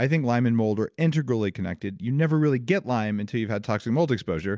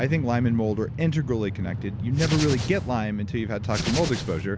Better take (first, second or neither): first